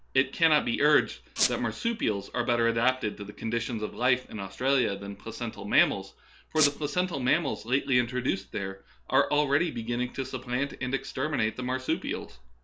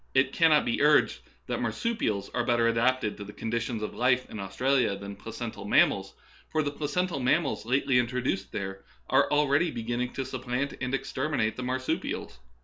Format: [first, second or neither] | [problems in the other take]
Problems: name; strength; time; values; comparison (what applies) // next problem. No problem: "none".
second | background sound (Squeak); 2 dB below the speech